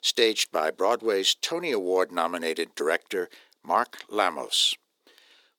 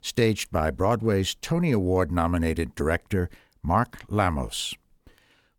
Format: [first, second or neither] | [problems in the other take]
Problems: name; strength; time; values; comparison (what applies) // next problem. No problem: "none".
second | thin; very; fading below 350 Hz